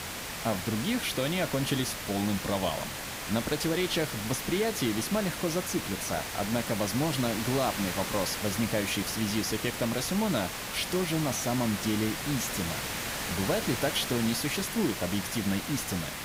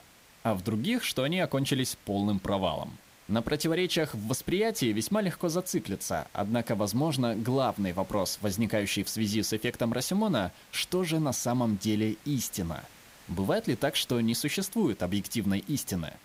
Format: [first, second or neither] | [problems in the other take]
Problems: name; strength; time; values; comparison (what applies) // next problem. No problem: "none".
second | hiss; loud; throughout; 4 dB below the speech; faint in the second